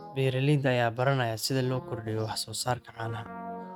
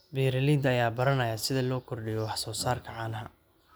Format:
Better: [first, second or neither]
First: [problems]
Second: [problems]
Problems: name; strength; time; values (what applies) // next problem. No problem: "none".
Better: second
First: noise reduction (neural mask model RNNoise)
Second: none